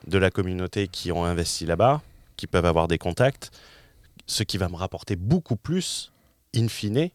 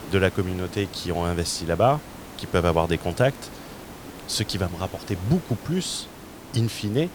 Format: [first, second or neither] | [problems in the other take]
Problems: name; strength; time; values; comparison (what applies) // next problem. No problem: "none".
first | hiss; noticeable; throughout; 15 dB below the speech